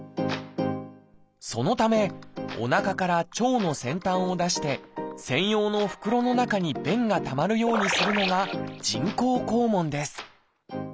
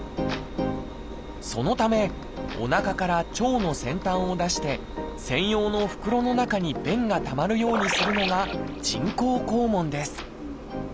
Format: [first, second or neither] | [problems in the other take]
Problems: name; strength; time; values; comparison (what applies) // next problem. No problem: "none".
first | background sound (Engine); 11 dB below the speech